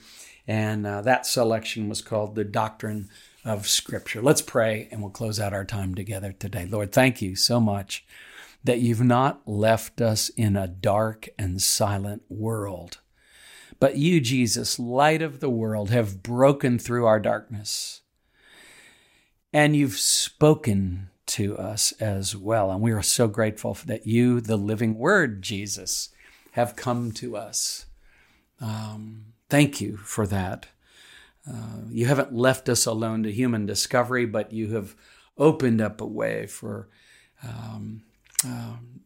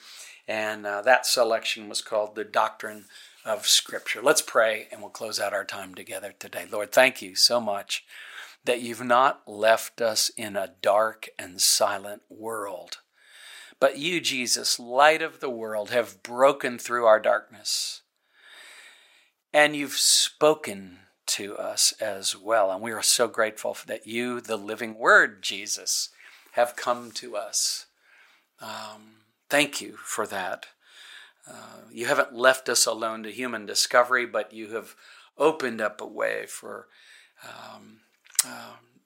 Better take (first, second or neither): first